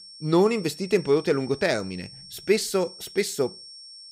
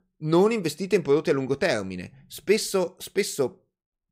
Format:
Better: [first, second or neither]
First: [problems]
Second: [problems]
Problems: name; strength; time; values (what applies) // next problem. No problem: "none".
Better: second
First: high-pitched whine; noticeable; throughout; 5.5 kHz, 15 dB below the speech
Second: none